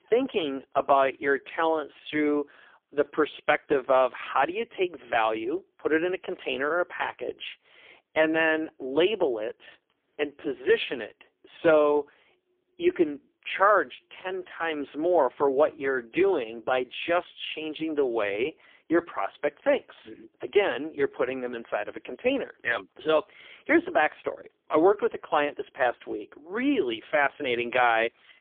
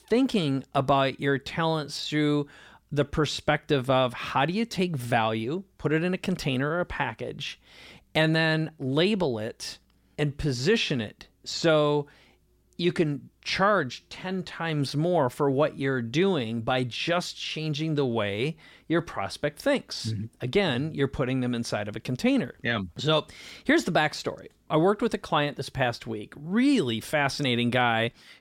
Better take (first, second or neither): second